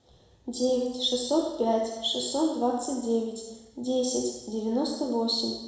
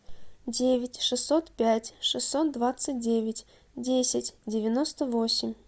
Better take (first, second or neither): second